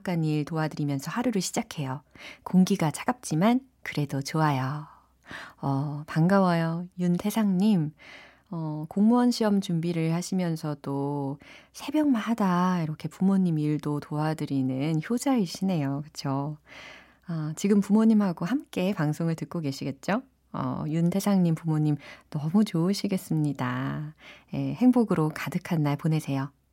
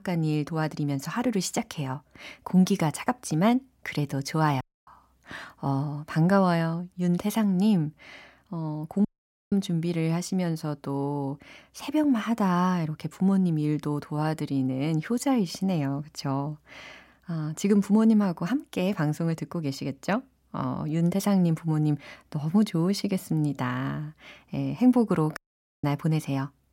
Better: first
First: none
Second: audio cutting out; at 4.5 s, at 9 s and at 25 s

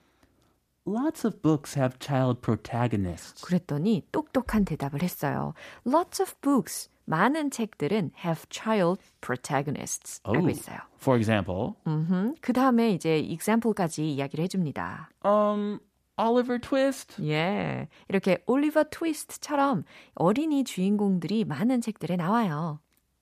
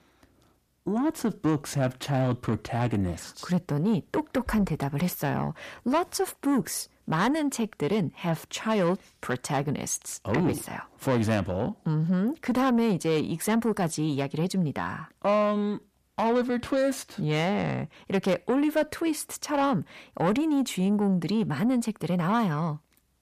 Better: first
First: none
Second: distortion; slight; 10 dB below the speech

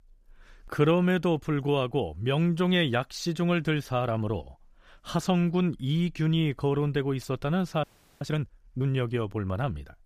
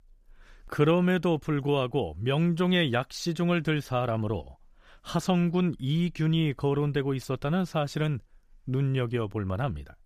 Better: second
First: audio freezing; at 8 s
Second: none

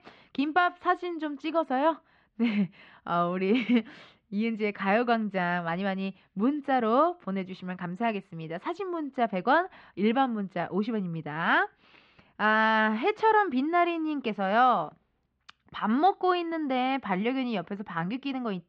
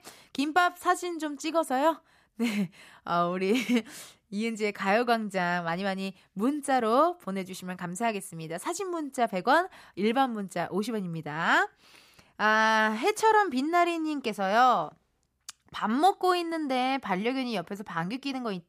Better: second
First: muffled; slightly; fading above 3.5 kHz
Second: none

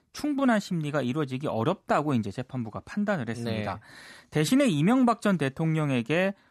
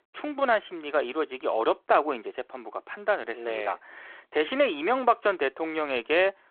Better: first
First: none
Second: phone-call audio

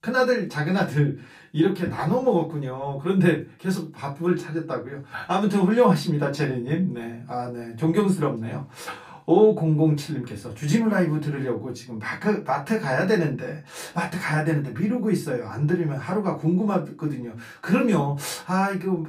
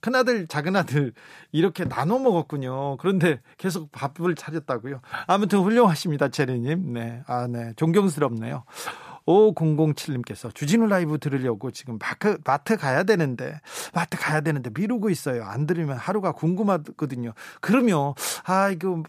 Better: second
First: off-mic speech; far // room echo; very slight; dies away in 0.2 s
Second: none

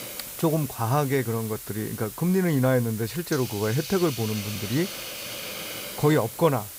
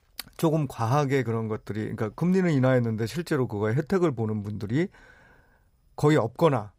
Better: second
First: hiss; loud; throughout; 9 dB below the speech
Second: none

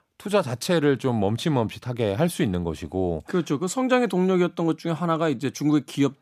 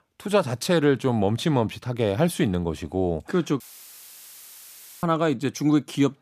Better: first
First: none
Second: audio cutting out; filled with static; at 3.5 s for 1.5 s

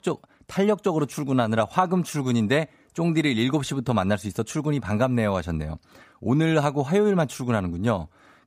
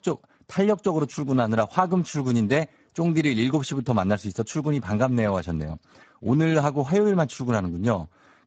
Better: first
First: none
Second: garbled, watery; badly; nothing above 7.5 kHz

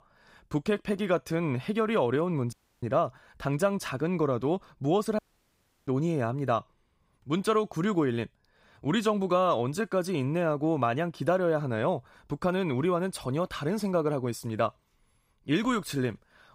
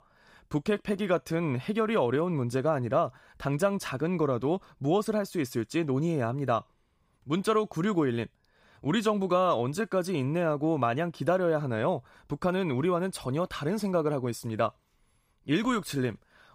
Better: second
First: audio cutting out; at 2.5 s and at 5 s for 0.5 s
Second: none

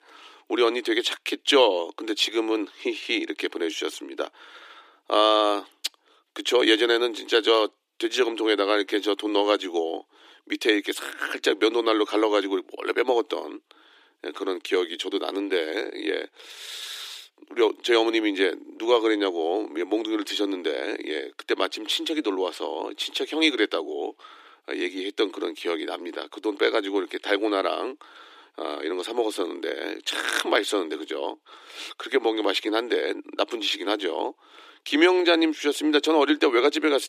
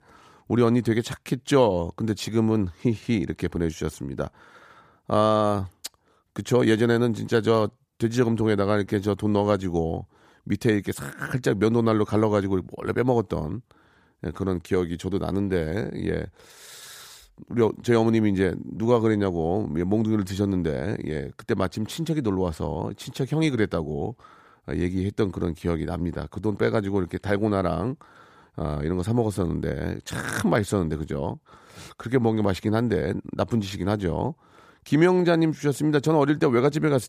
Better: second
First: thin; somewhat; fading below 300 Hz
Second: none

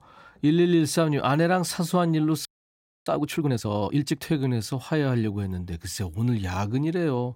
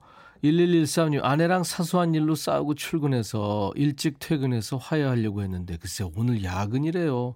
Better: second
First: audio freezing; at 2.5 s for 0.5 s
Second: none

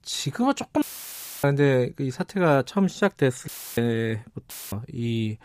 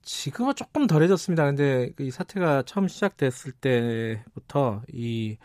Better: second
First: audio cutting out; filled with static; at 1 s for 0.5 s, at 3.5 s and at 4.5 s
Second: none

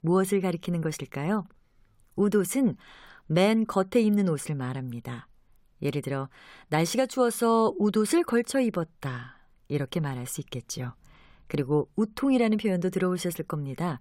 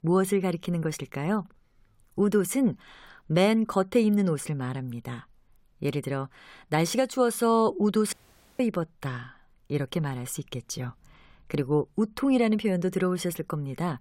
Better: first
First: none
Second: audio cutting out; at 8 s

